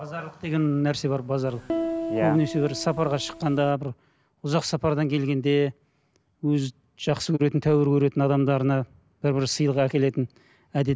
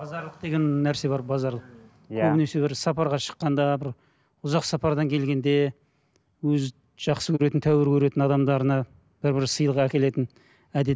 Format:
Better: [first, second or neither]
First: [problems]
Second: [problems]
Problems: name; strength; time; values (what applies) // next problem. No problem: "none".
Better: second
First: background sound (Piano); 7 dB below the speech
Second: none